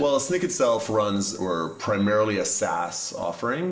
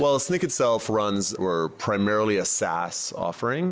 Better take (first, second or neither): second